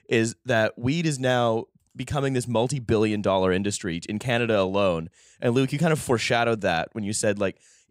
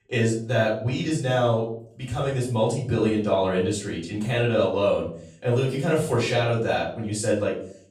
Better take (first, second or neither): first